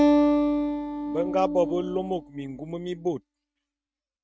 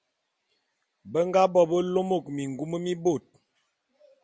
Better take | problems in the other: second | noise reduction (neural mask model RNNoise)

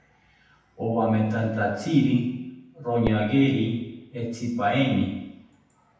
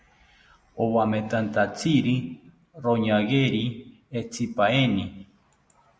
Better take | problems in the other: second | background sound (Fireworks); 17 dB below the speech // room echo; dies away in 0.8 s

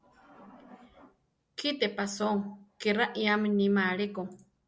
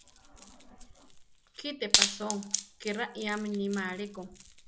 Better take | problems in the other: first | background sound (Wood); 2 dB above the speech

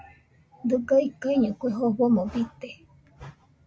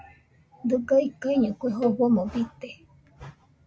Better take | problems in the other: first | background sound (Cowbell); 11 dB below the speech

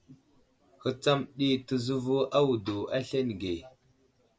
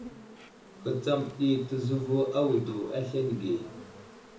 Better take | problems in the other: first | background sound (Insect); 18 dB below the speech // room echo; dies away in 0.6 s

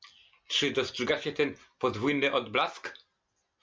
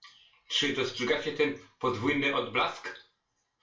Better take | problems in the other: first | room echo; dies away in 0.3 s

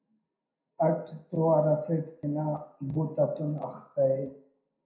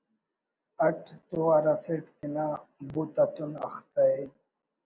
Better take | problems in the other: second | room echo; dies away in 0.5 s

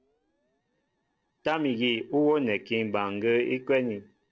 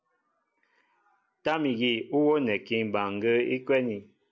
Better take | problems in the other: second | noise reduction (neural separator model SepFormer DNS4)

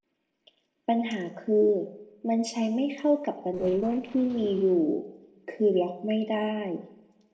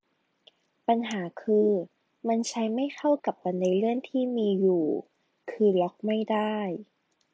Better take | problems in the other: second | noise reduction (neural separator model SepFormer DNS4)

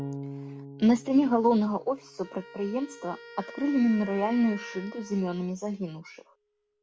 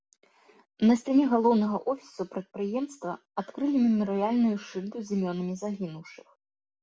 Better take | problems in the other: second | background sound (Bass guitar + Wind instrument, woodwind instrument); 16 dB below the speech

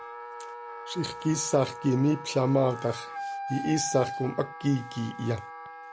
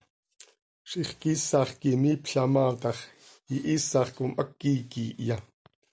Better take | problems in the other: second | background sound (Wind instrument, woodwind instrument); 10 dB below the speech

